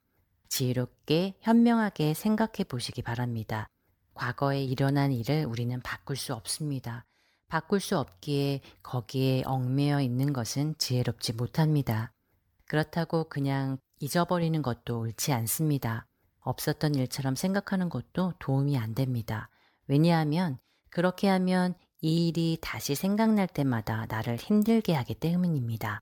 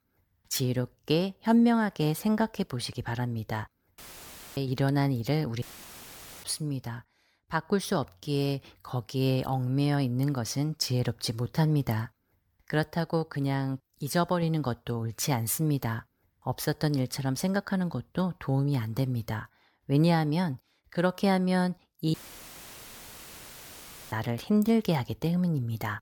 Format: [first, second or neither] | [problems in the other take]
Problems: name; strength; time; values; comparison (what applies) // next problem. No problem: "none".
first | audio cutting out; filled with static; at 4 s for 0.5 s, at 5.5 s for 1 s and at 22 s for 2 s